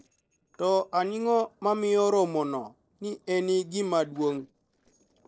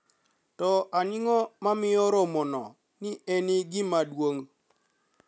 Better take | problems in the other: second | noise reduction (neural separator model SepFormer DNS4)

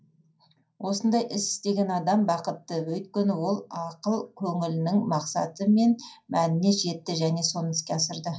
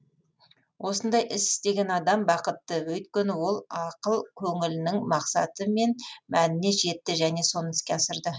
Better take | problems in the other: second | room echo; dies away in 0.3 s

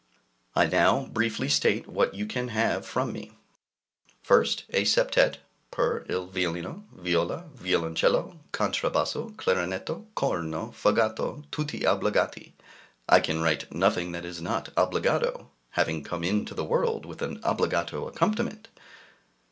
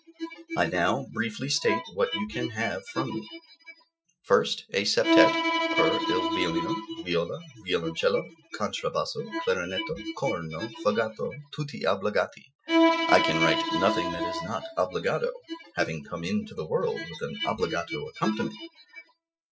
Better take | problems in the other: first | noise reduction (classical method Wiener filter)

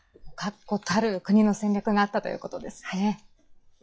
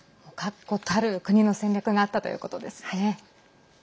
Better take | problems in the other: second | noise reduction (classical method log-MMSE)

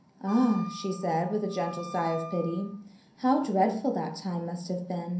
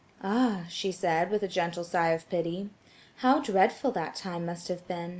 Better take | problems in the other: second | background sound (Wind instrument, woodwind instrument); 15 dB below the speech // room echo; dies away in 0.6 s

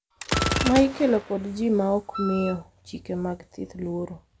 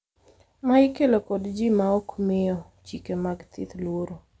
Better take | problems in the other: second | background sound (Gunshot, gunfire + Wind instrument, woodwind instrument); 6 dB below the speech

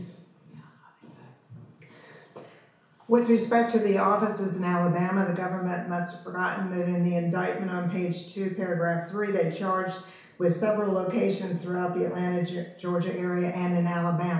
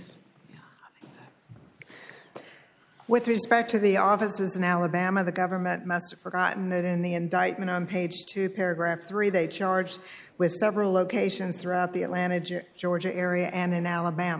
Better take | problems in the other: second | room echo; dies away in 0.6 s

